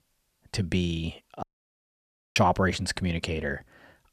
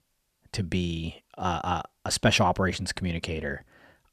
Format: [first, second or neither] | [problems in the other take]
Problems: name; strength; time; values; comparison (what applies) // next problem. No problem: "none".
second | audio cutting out; at 1.5 s for 1 s